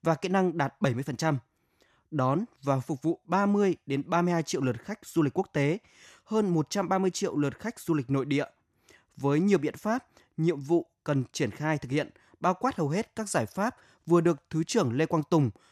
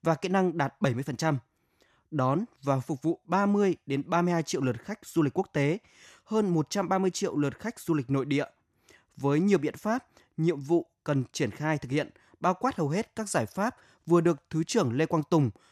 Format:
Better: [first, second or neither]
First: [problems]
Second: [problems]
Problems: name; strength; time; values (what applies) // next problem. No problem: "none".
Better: neither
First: none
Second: none